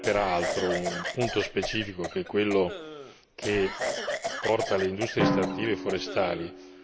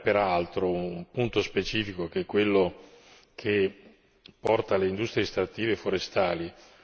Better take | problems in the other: second | background sound (Cough + Drum); 4 dB below the speech

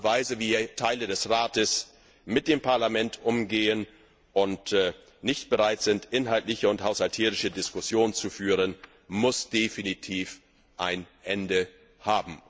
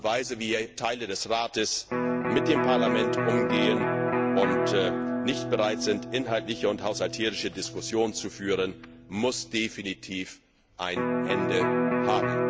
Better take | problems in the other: first | background sound (Electric guitar); as loud as the speech

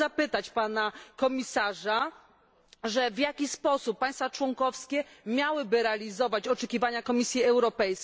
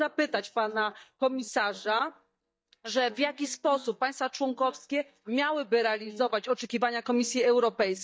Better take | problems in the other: first | noise reduction (neural mask model DeepFilterNet 3)

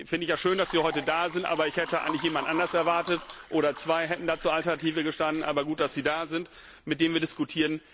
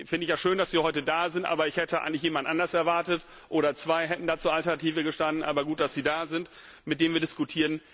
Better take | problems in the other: second | background sound (Water / Liquid); 15 dB below the speech

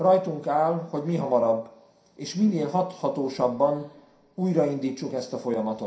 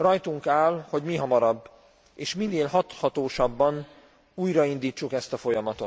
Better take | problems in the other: second | room echo; dies away in 0.5 s

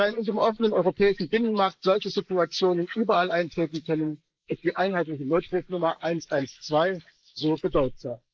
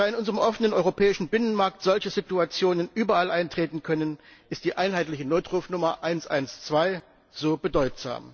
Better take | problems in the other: second | noise reduction (neural mask model Resemble Enhance denoiser)

